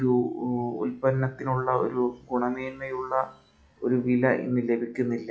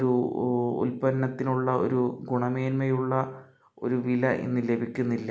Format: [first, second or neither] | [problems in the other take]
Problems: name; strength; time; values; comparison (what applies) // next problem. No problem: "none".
second | noise reduction (classical method log-MMSE)